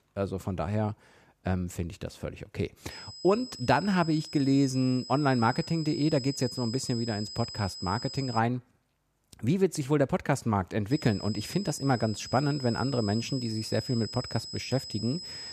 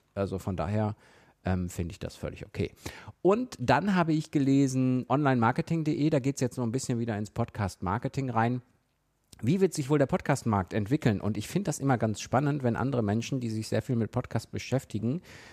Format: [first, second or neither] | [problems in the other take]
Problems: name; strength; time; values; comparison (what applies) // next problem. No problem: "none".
second | high-pitched whine; noticeable; from 3 to 8.5 s and from 11 s on; 5 kHz, 10 dB below the speech